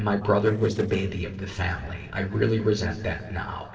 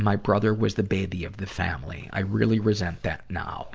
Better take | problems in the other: second | noise reduction (neural separator model SepFormer DNS4)

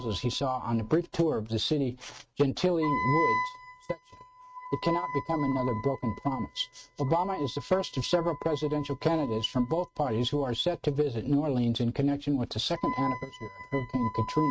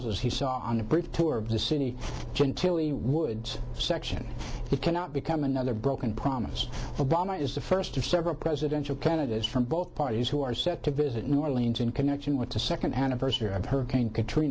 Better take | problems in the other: second | noise reduction (neural mask model RNNoise)

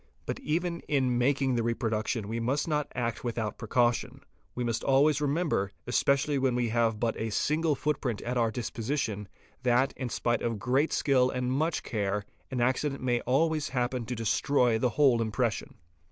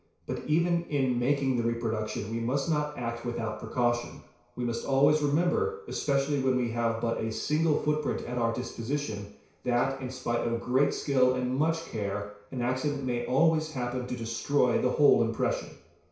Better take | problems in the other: first | room echo; dies away in 0.6 s

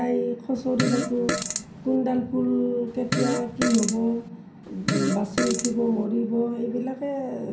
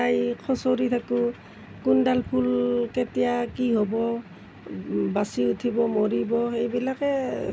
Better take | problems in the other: second | background sound (Fart); 4 dB below the speech // room echo; dies away in 0.6 s

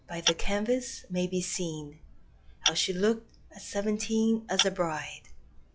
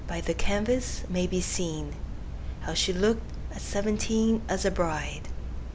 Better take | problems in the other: second | noise reduction (classical method log-MMSE)

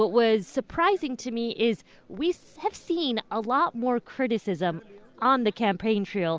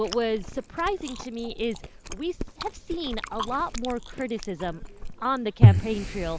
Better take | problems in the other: first | background sound (Chewing, mastication); 3 dB above the speech

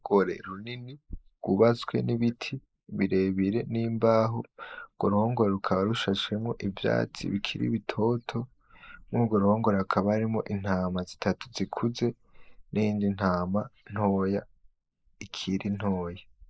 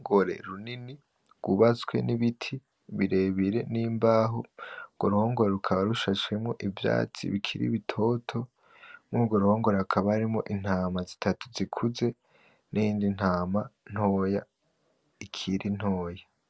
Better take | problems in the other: second | noise reduction (neural mask model Resemble Enhance denoiser)

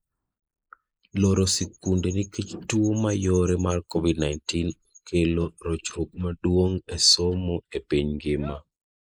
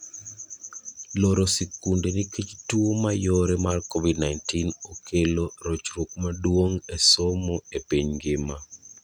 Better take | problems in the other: second | noise reduction (neural mask model Resemble Enhance denoiser)

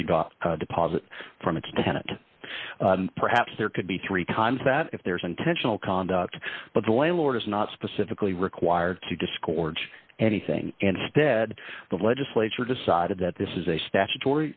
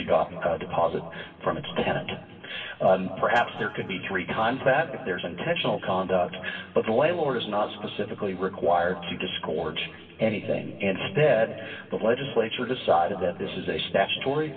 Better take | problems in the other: first | room echo; dies away in 2.6 s

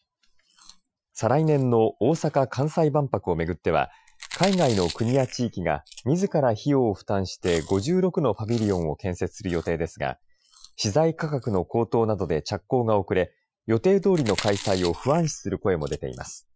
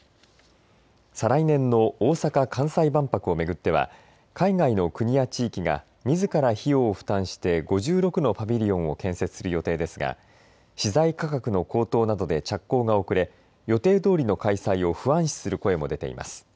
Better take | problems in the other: second | noise reduction (classical method Wiener filter)

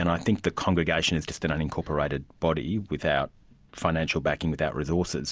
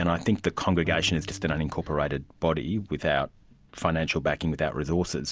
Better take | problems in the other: first | background sound (Bowed string instrument); 17 dB below the speech

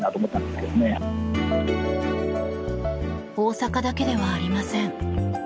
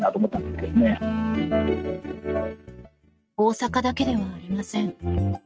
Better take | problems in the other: first | noise reduction (neural mask model RNNoise)

